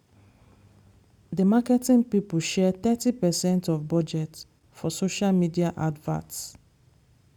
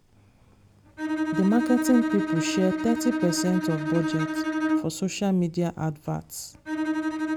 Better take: first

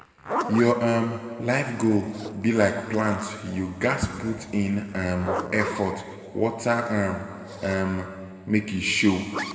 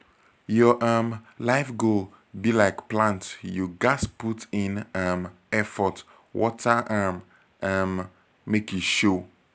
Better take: second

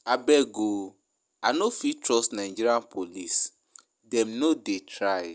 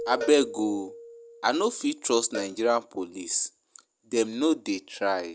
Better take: first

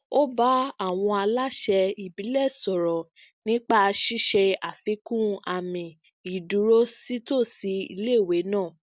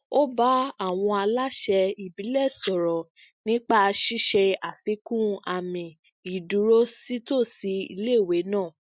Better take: first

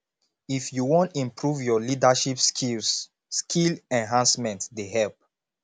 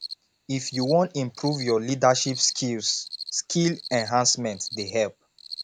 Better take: first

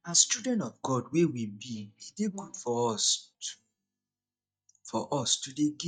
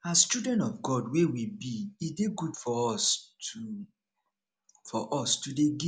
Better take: second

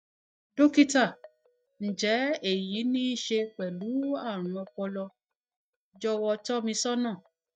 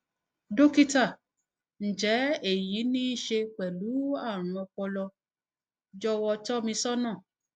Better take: second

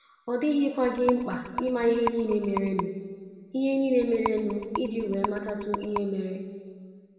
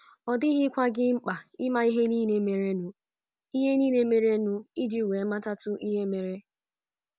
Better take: second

